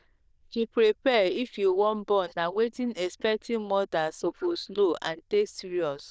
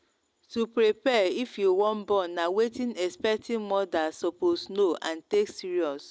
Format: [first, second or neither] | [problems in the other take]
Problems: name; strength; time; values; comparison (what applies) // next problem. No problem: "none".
second | noise reduction (neural diffusion model UNIVERSE++)